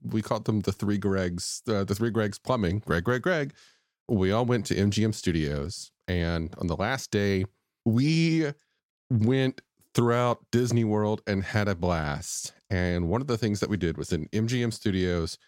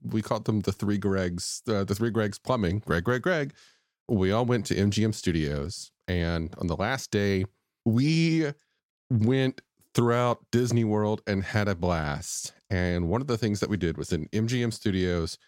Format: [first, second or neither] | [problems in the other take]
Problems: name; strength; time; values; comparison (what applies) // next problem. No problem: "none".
neither | none